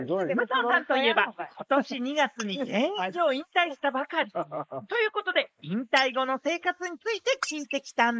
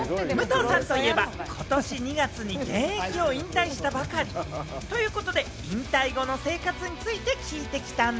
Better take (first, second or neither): second